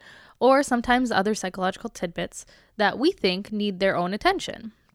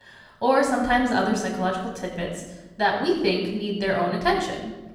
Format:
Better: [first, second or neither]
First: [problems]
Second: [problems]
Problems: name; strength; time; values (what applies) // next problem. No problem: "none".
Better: first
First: none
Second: off-mic speech; far // room echo; noticeable; dies away in 1 s